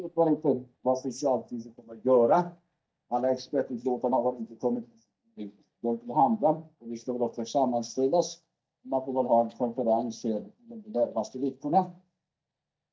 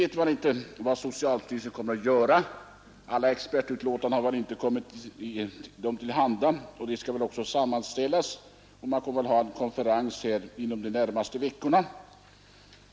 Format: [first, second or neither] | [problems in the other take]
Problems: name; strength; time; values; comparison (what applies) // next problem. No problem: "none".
second | noise reduction (neural mask model DeepFilterNet 3)